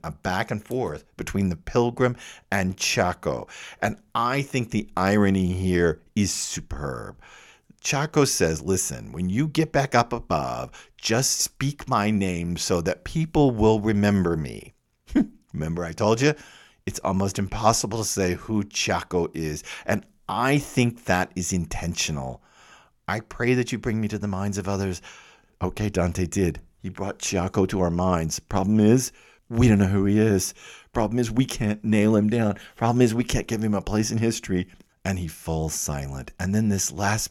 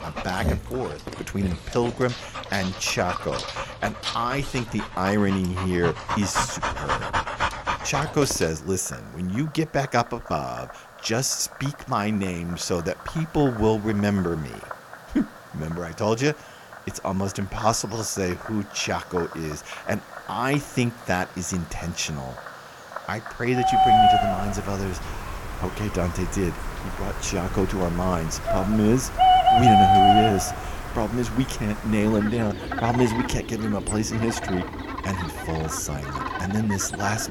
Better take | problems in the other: first | animal sounds; very loud; throughout; as loud as the speech

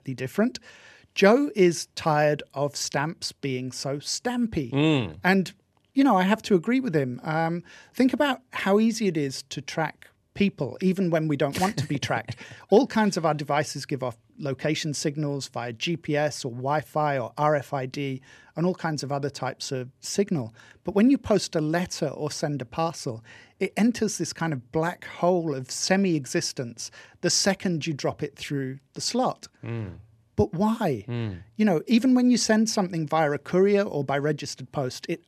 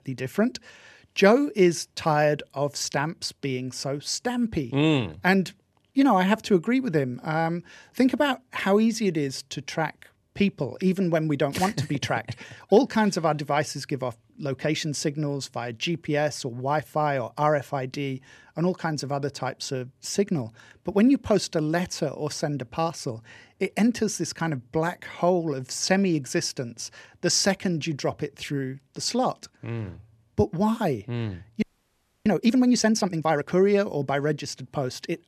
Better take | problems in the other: first | audio freezing; at 32 s for 0.5 s

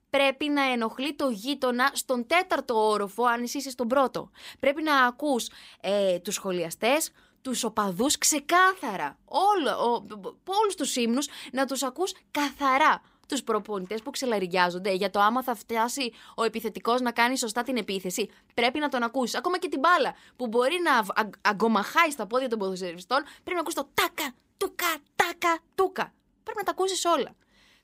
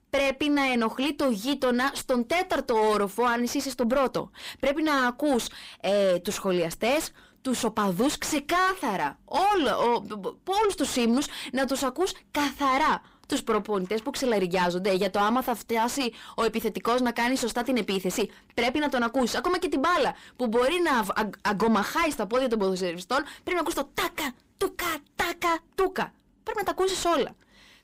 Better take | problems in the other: first | distortion; heavy; 6 dB below the speech

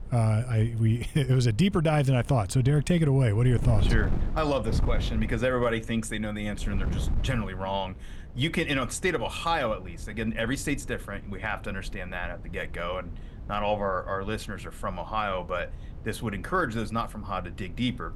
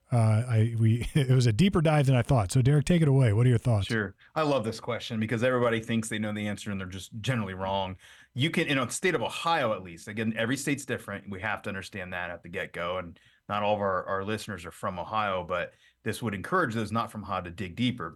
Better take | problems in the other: second | wind noise on the microphone; occasional gusts; 20 dB below the speech

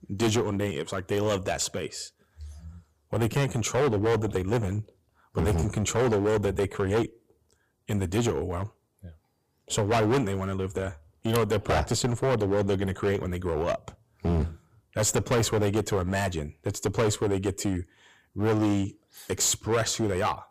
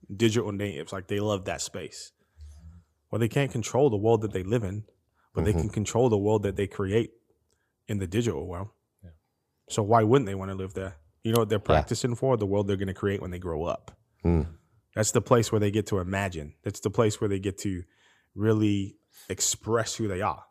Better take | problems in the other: second | distortion; heavy; 12% of the sound clipped

